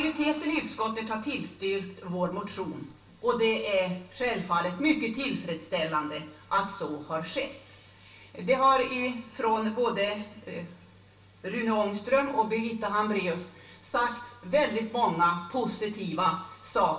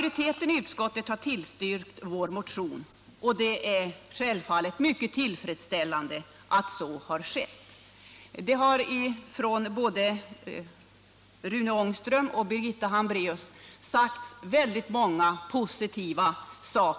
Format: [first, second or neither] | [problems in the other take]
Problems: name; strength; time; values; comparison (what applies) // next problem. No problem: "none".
second | room echo; dies away in 0.3 s